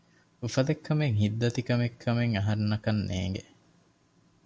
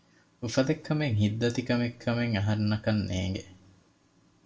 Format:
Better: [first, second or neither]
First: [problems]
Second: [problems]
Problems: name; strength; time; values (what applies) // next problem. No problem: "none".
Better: first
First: none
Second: room echo; dies away in 0.3 s